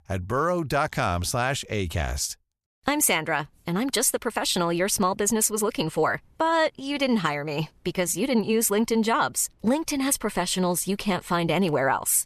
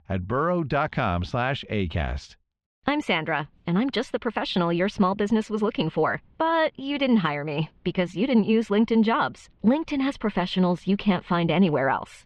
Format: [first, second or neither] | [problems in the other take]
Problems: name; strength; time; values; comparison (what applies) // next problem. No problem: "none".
first | muffled; slightly; fading above 3.5 kHz